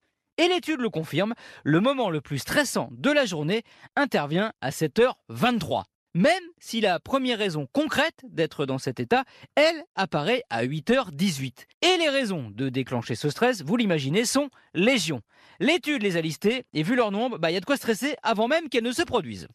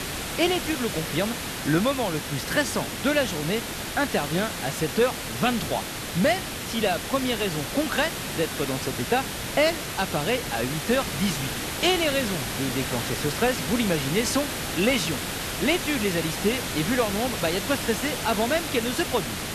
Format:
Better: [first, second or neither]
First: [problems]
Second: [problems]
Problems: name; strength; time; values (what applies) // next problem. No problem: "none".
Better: first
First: none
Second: hiss; loud; throughout; 3 dB below the speech